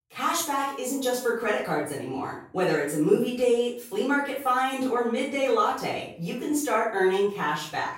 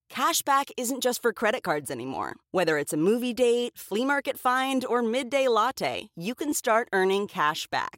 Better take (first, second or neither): second